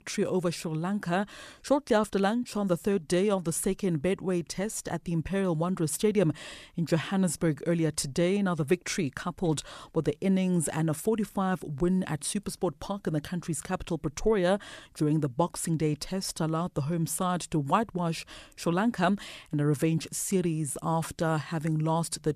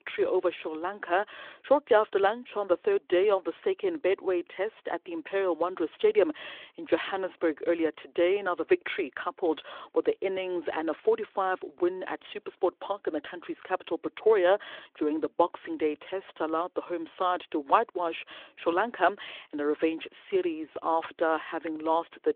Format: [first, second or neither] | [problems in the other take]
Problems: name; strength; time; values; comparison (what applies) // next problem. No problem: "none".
first | phone-call audio